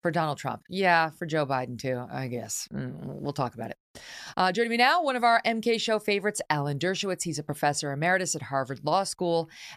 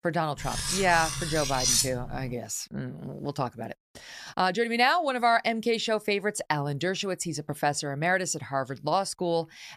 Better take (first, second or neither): first